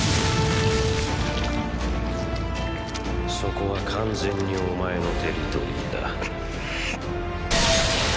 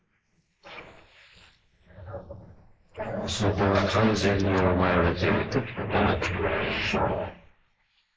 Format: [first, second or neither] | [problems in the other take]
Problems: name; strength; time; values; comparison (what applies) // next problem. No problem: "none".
first | noise reduction (neural mask model Resemble Enhance denoiser)